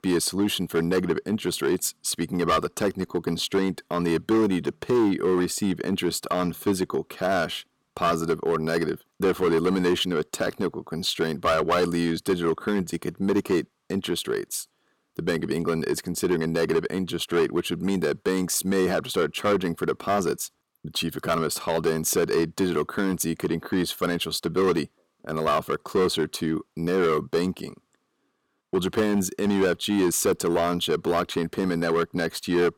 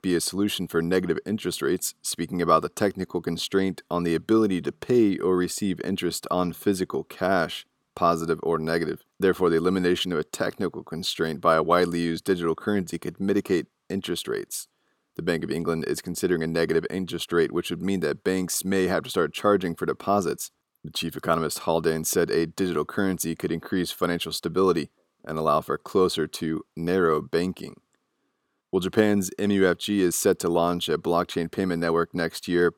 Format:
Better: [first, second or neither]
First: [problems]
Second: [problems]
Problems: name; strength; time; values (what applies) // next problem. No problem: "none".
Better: second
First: distortion; slight; 6% of the sound clipped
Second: none